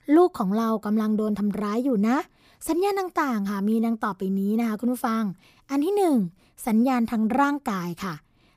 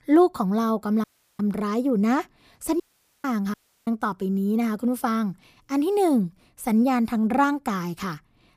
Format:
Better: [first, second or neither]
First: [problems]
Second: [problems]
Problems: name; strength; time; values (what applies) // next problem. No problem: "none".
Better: first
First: none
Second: audio cutting out; at 1 s, at 3 s and at 3.5 s